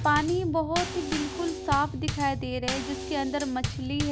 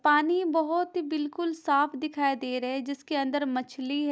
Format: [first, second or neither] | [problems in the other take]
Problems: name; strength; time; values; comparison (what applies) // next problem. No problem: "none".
second | background sound (Bass drum / Snare drum / Drum kit); 5 dB below the speech